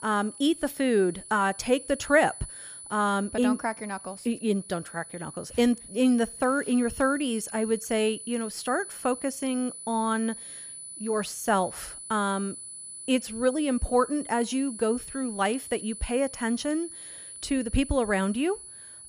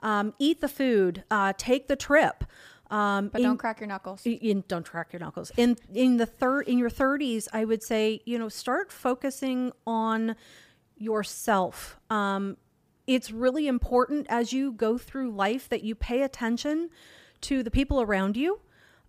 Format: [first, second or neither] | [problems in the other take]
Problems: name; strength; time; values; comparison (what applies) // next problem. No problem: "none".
second | high-pitched whine; noticeable; throughout; 10 kHz, 10 dB below the speech